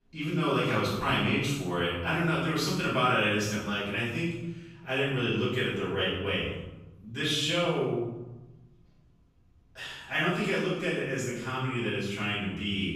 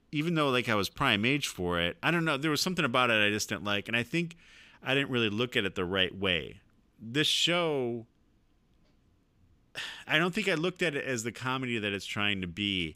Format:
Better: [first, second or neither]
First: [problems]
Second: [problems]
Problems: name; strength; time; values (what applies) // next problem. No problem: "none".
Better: second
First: off-mic speech; far // room echo; strong; dies away in 1 s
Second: none